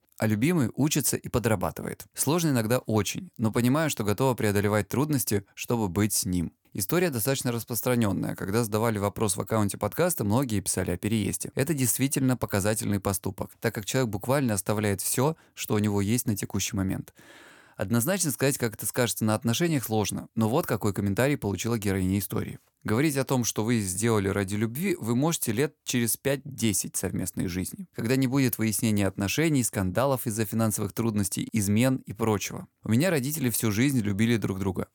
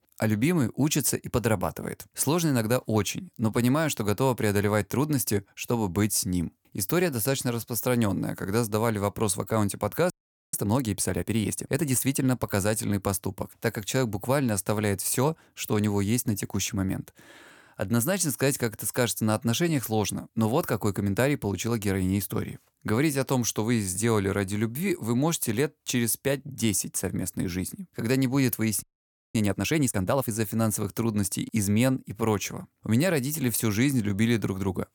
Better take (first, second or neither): first